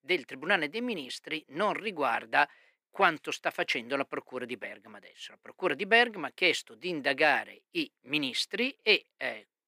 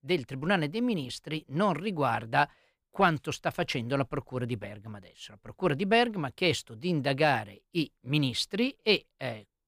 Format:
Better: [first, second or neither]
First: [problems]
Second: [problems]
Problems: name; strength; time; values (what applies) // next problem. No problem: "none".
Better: second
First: thin; somewhat; fading below 300 Hz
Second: none